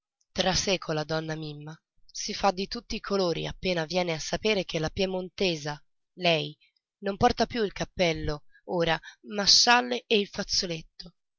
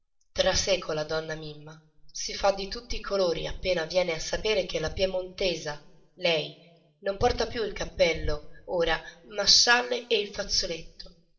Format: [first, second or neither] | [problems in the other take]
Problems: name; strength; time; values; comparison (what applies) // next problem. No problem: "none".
first | room echo; dies away in 0.6 s